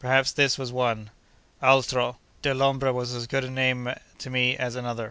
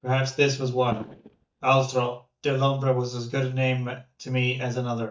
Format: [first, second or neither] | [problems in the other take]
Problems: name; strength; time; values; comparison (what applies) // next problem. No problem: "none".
first | noise reduction (neural mask model DeepFilterNet 3)